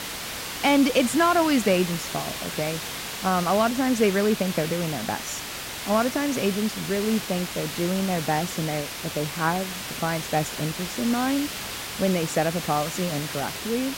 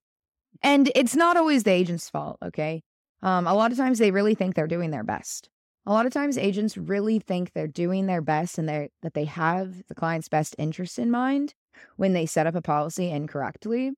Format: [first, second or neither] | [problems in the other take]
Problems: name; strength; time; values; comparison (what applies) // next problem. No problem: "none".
second | hiss; loud; throughout; 6 dB below the speech